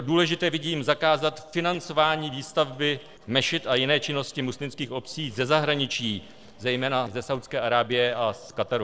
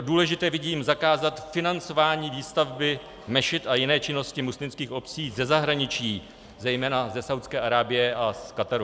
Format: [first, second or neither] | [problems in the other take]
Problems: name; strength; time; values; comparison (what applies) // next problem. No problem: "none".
second | noise reduction (neural separator model SepFormer DNS4)